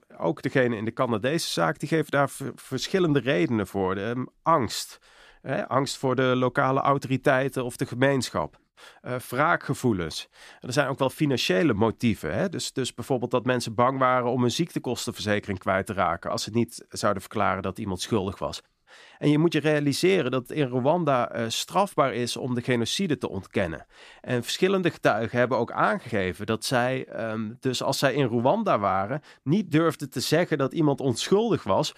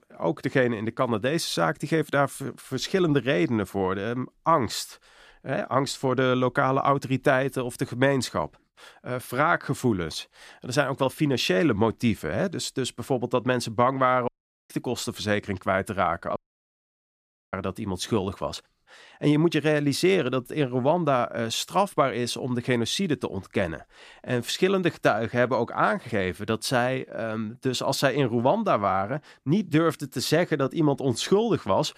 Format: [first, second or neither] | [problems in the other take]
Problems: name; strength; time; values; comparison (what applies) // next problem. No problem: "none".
first | audio cutting out; at 14 s and at 16 s for 1 s